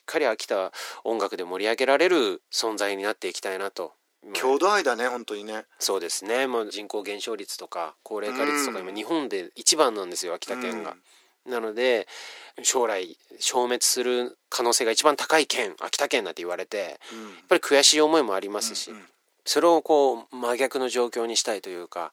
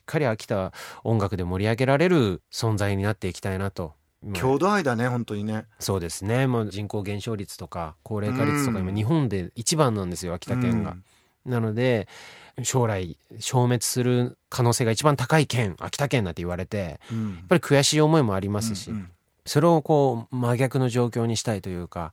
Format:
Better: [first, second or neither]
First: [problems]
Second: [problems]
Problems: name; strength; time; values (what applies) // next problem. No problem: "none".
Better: second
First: thin; very; fading below 300 Hz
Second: none